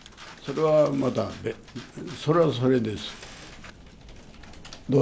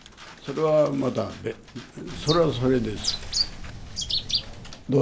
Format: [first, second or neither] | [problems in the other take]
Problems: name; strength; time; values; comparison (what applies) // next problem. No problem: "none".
first | background sound (Bird); 4 dB below the speech